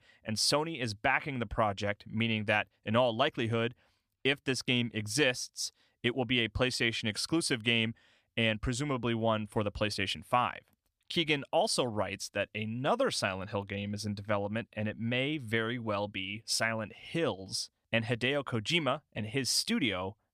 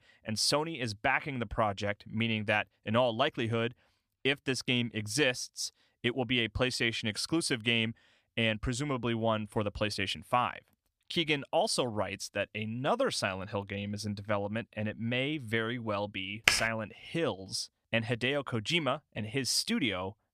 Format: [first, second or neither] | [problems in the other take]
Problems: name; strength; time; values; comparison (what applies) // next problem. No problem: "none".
first | keyboard typing; loud; at 16 s; peak 4 dB above the speech